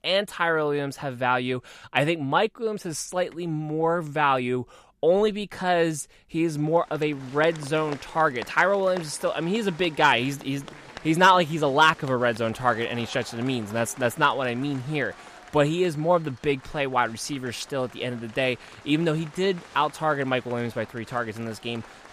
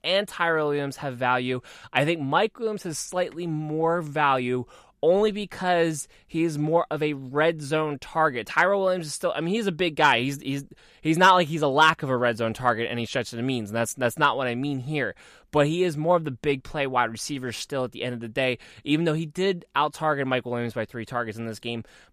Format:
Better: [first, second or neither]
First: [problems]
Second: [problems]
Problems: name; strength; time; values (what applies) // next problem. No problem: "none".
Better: second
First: crowd noise; noticeable; from 7 s on; 20 dB below the speech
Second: none